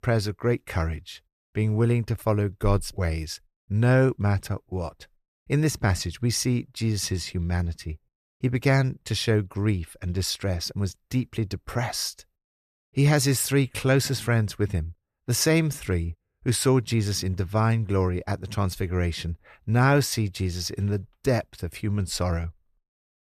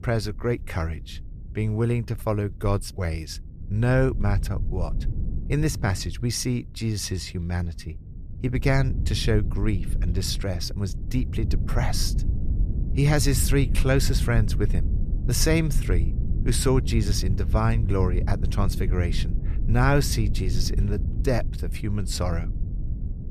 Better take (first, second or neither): first